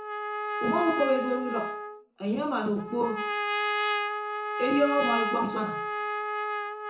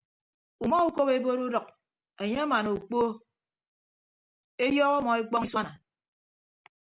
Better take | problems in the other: second | background sound (Trumpet); 1 dB below the speech // room echo; dies away in 0.6 s

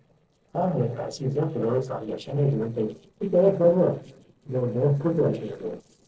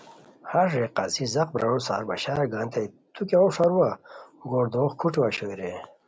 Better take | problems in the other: second | noise reduction (neural separator model SepFormer DNS4)

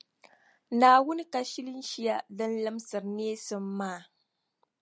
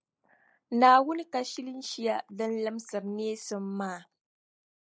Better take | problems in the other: first | noise reduction (neural mask model Resemble Enhance denoiser)

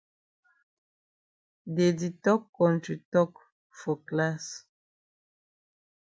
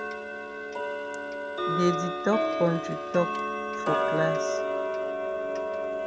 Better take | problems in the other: first | background sound (Tick-tock); 2 dB above the speech

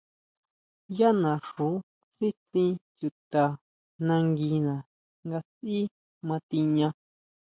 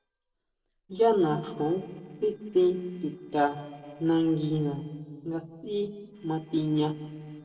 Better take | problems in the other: first | noise reduction (neural separator model SepFormer DNS4)

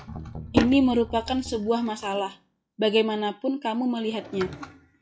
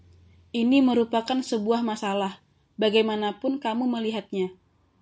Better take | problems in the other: second | noise reduction (classical method log-MMSE)

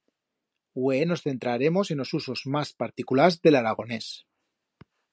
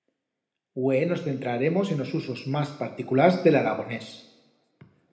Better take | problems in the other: first | room echo; dies away in 0.9 s

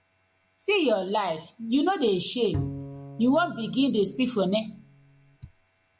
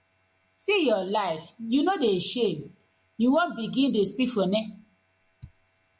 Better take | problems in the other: second | background sound (Bowed string instrument); 11 dB below the speech

